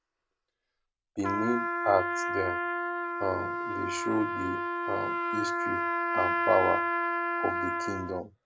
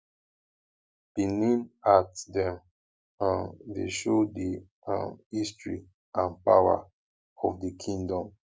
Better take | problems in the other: second | background sound (Trumpet); 2 dB above the speech

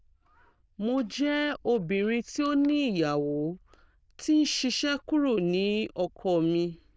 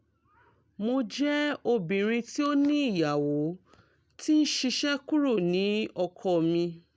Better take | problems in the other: second | noise reduction (neural diffusion model UNIVERSE++)

